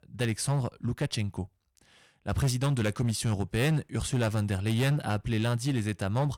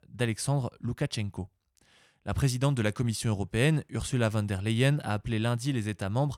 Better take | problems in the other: second | distortion; slight; 8% of the sound clipped

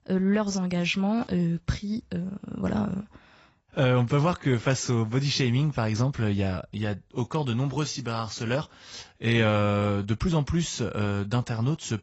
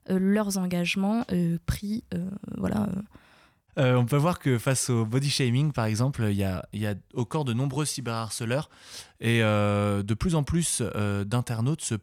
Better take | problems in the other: second | garbled, watery; badly; nothing above 7.5 kHz

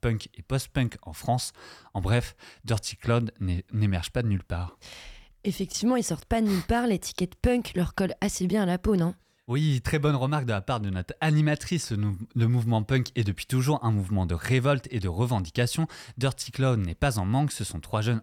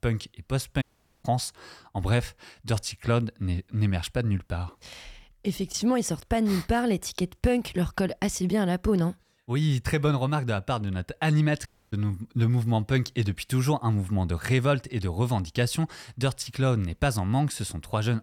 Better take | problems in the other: first | audio cutting out; at 1 s and at 12 s

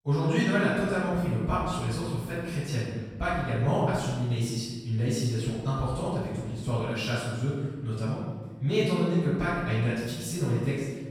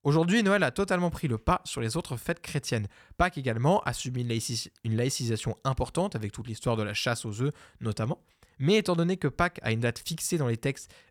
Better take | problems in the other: second | room echo; strong; dies away in 1.3 s // off-mic speech; far

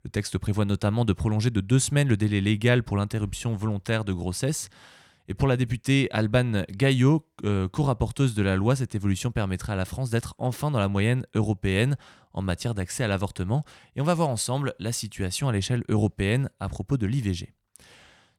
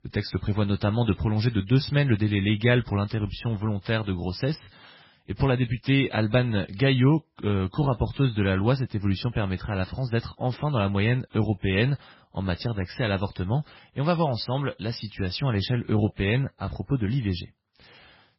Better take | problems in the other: first | garbled, watery; badly; nothing above 5.5 kHz

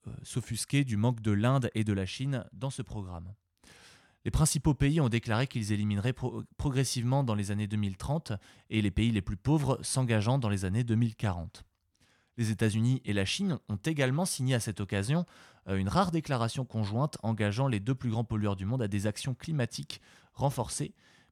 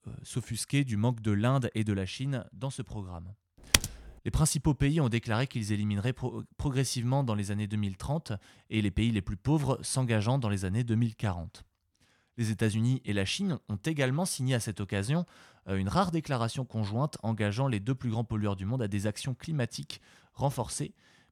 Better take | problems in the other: first | keyboard typing; loud; at 3.5 s; peak 5 dB above the speech

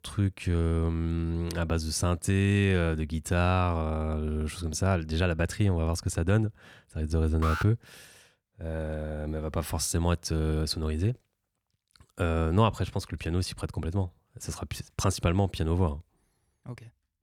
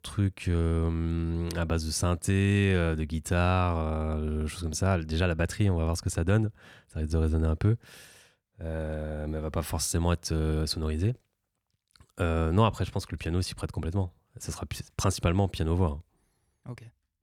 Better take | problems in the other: second | alarm; noticeable; at 7.5 s; peak 5 dB below the speech

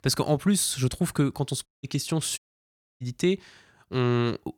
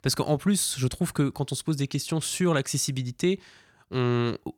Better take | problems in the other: second | audio cutting out; at 1.5 s and at 2.5 s for 0.5 s

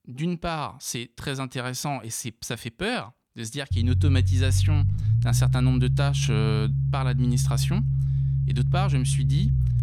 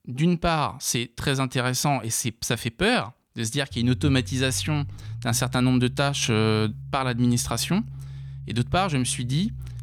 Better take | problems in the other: second | low rumble; loud; from 3.5 s on; 4 dB below the speech; faint in the second

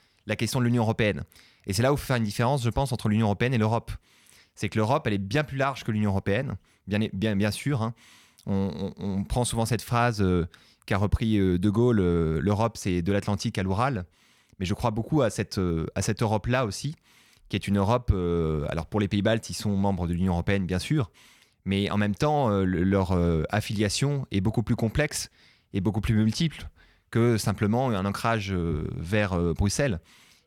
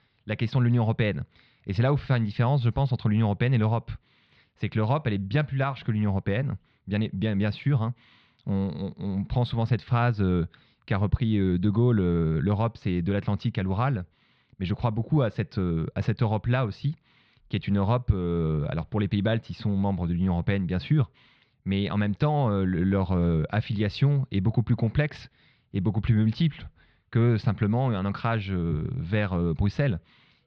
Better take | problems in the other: first | muffled; slightly; fading above 4 kHz

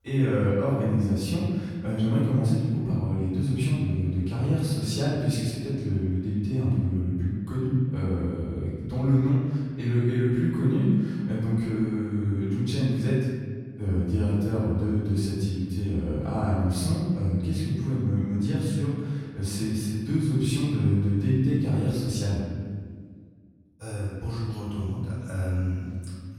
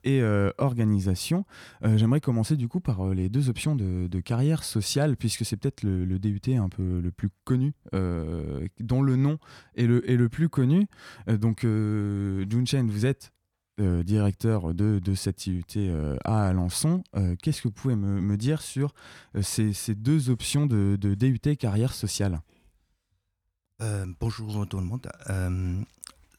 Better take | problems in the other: second | room echo; strong; dies away in 1.7 s // off-mic speech; far

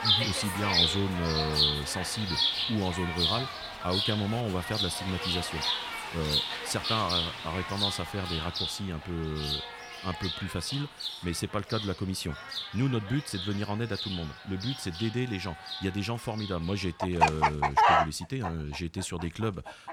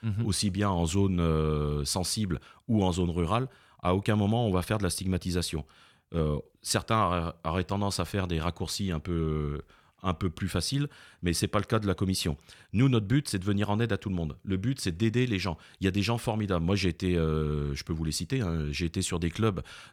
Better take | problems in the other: second | animal sounds; very loud; throughout; 3 dB above the speech

